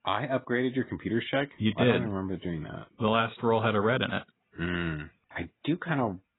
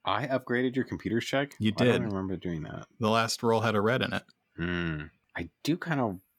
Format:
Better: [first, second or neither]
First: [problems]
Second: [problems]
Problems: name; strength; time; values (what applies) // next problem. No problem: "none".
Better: second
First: garbled, watery; badly; nothing above 3.5 kHz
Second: none